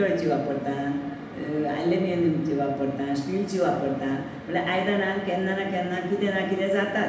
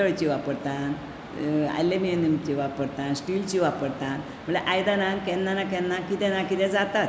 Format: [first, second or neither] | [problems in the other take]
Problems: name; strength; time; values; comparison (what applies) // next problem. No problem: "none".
second | room echo; dies away in 0.8 s